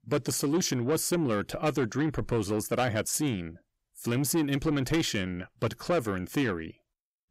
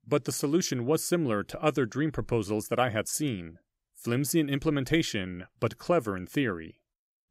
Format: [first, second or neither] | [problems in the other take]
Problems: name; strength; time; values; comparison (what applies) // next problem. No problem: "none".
second | distortion; slight; 10 dB below the speech